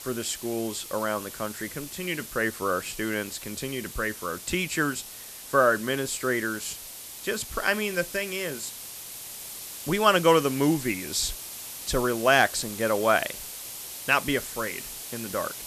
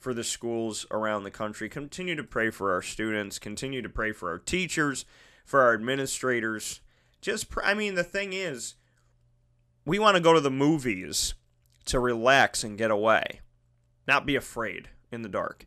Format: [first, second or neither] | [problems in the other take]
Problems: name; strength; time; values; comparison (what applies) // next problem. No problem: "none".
second | hiss; noticeable; throughout; 10 dB below the speech